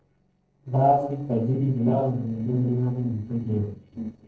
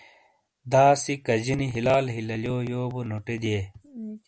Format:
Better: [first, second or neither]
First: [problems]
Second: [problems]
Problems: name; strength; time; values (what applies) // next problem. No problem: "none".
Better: second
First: noise reduction (neural separator model SepFormer DNS4)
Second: none